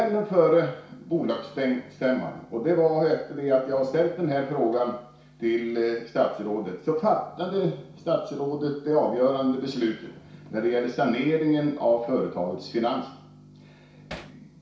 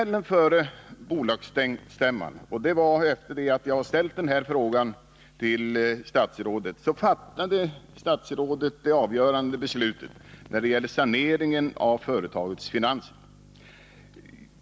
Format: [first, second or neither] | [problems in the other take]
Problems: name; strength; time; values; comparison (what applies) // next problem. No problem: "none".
second | background sound (Hammer); 16 dB below the speech // room echo; dies away in 0.6 s